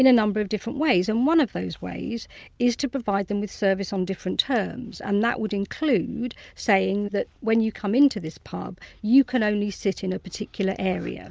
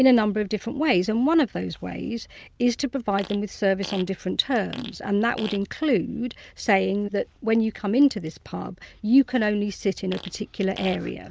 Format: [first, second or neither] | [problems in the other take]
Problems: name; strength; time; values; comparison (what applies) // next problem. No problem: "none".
first | background sound (Fart); 17 dB below the speech